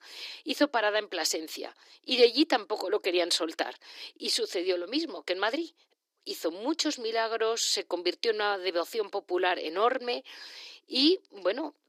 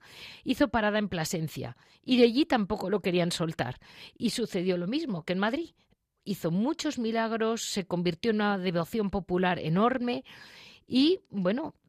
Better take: second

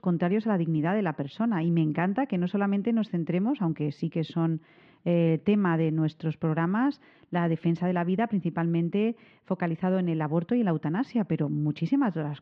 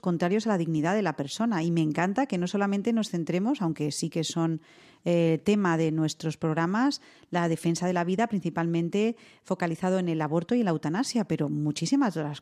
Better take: second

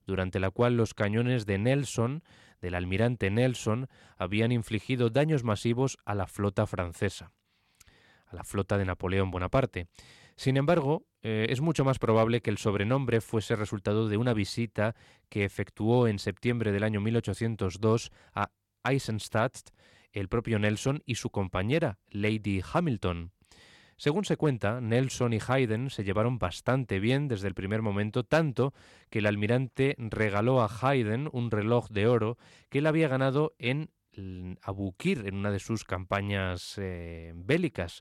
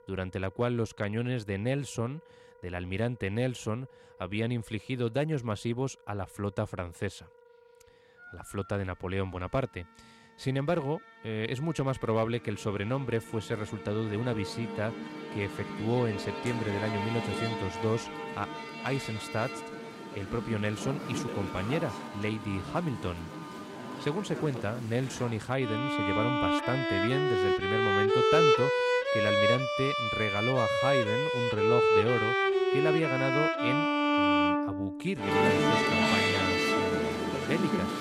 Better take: first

